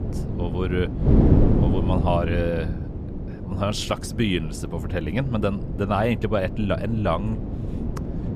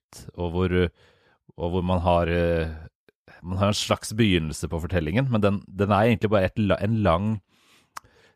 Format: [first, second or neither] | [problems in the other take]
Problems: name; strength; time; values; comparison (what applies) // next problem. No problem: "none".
second | wind noise on the microphone; heavy; 6 dB below the speech